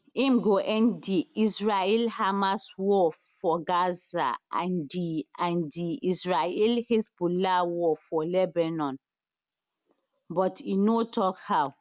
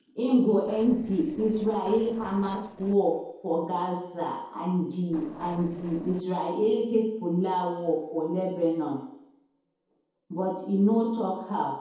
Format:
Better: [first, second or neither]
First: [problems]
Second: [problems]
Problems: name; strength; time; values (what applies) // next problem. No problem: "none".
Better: first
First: none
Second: noise reduction (neural separator model SepFormer DNS4)